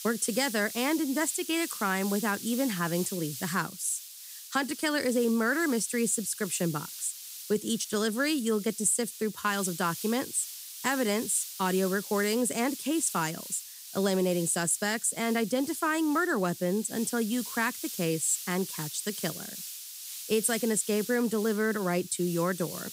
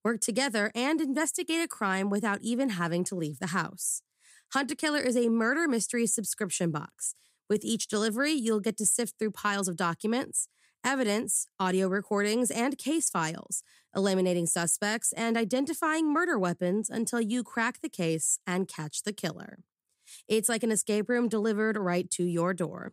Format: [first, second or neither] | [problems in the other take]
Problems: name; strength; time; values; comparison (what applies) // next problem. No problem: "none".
second | hiss; loud; throughout; 10 dB below the speech